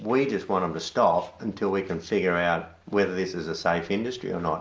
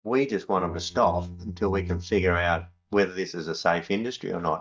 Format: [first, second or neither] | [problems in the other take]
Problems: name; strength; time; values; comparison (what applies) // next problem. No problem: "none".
first | noise reduction (neural mask model DeepFilterNet 3)